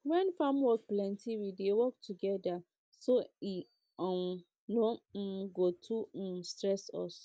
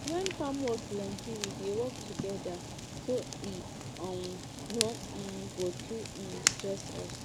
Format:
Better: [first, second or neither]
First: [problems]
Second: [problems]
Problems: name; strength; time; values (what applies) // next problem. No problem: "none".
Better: first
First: none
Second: background sound (Fire); 1 dB below the speech